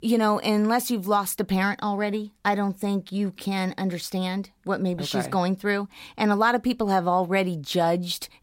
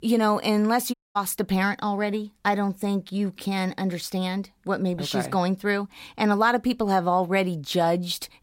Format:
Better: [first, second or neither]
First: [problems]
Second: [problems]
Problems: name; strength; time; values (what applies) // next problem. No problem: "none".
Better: first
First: none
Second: audio cutting out; at 1 s